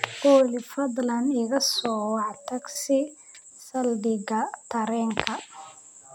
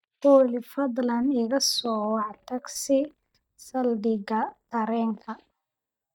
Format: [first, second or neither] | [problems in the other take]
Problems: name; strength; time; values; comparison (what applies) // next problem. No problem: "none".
first | noise reduction (neural mask model DeepFilterNet 3)